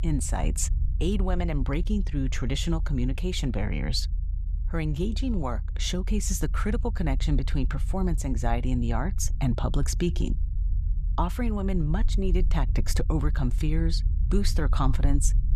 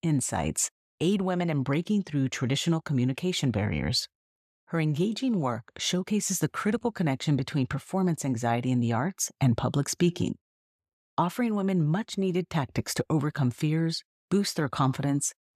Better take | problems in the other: second | low rumble; noticeable; throughout; 15 dB below the speech

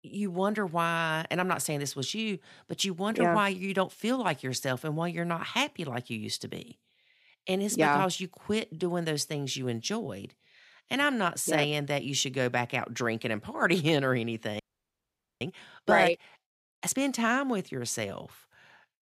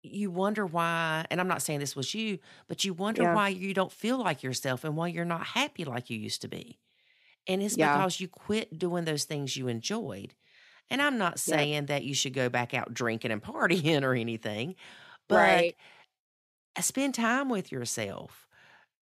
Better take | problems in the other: second | audio freezing; at 15 s for 1 s

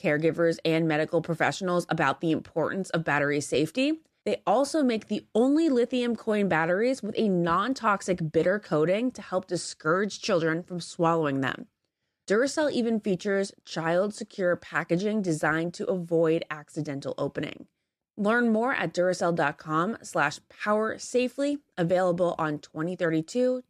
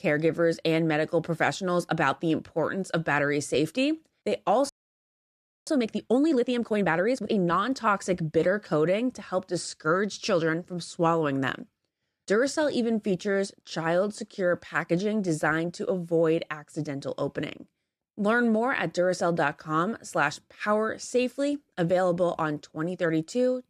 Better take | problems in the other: first | audio freezing; at 4.5 s for 1 s

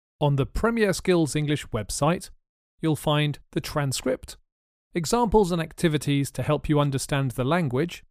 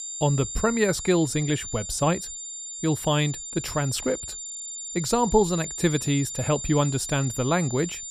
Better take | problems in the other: first | high-pitched whine; loud; throughout; 7 kHz, 7 dB below the speech

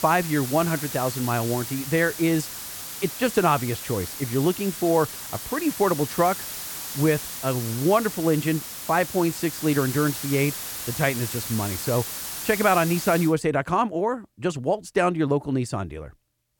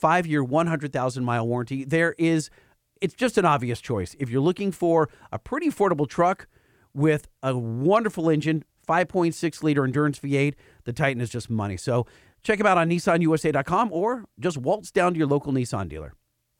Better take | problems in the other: second | hiss; loud; until 13 s; 7 dB below the speech

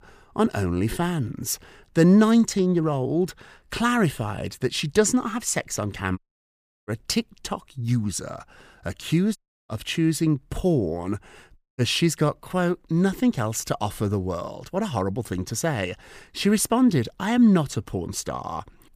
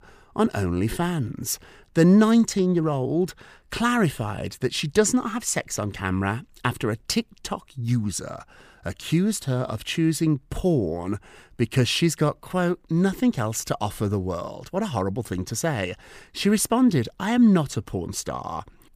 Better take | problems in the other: second | audio cutting out; at 6 s for 0.5 s, at 9.5 s and at 12 s

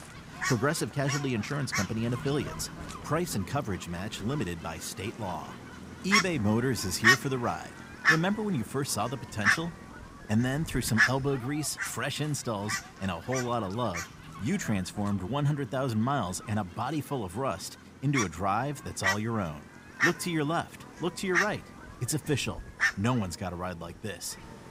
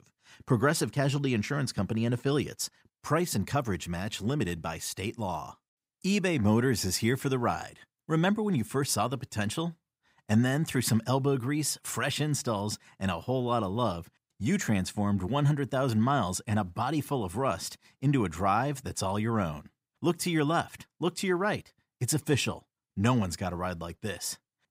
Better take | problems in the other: second | animal sounds; very loud; throughout; 1 dB above the speech

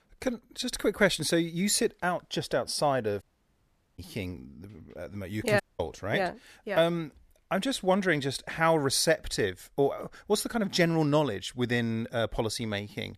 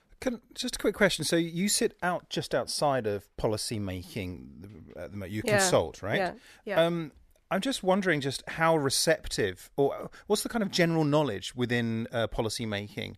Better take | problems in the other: second | audio cutting out; at 3 s for 1 s and at 5.5 s

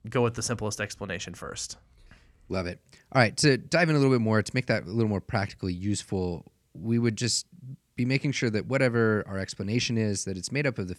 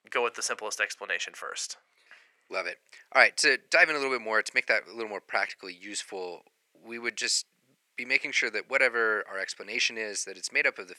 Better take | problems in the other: first | thin; very; fading below 500 Hz

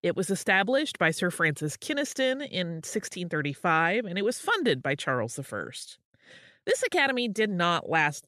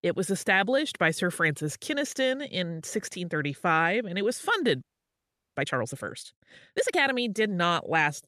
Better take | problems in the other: first | audio freezing; at 5 s for 0.5 s

